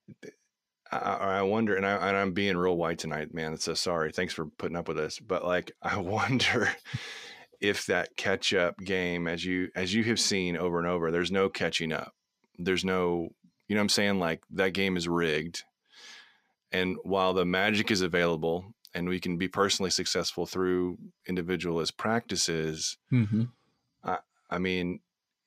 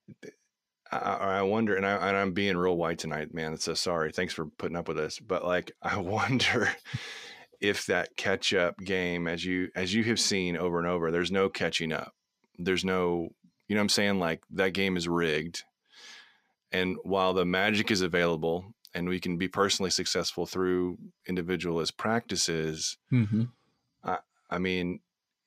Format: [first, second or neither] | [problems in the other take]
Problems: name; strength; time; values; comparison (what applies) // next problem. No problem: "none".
neither | none